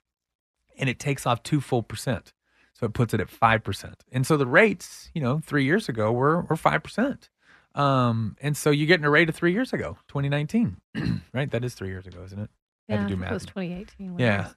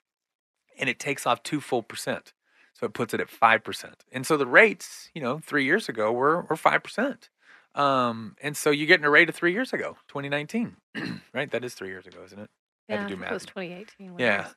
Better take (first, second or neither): first